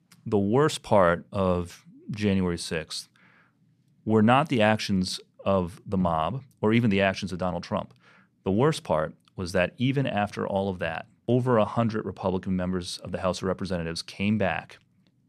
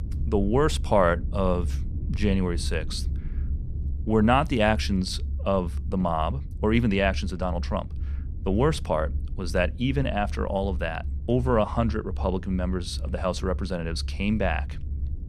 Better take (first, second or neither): first